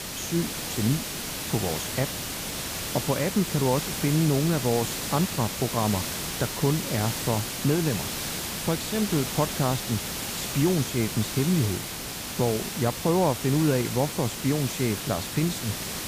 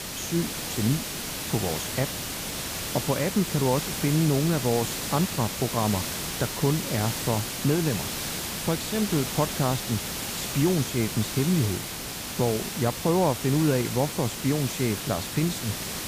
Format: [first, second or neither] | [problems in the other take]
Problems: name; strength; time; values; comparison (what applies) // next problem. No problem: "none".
neither | hiss; loud; throughout; 3 dB below the speech; the same in both